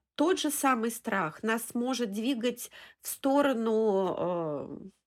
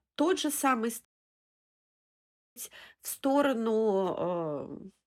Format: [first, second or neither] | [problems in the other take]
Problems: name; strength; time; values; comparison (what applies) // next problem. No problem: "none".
first | audio cutting out; at 1 s for 1.5 s